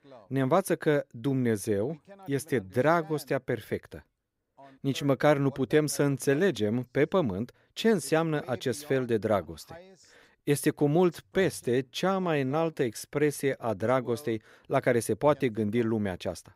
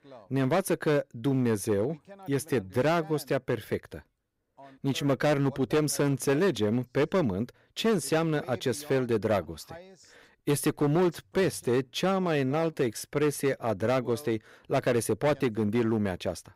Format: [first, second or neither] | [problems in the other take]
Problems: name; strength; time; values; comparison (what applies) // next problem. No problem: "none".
first | distortion; slight; 7% of the sound clipped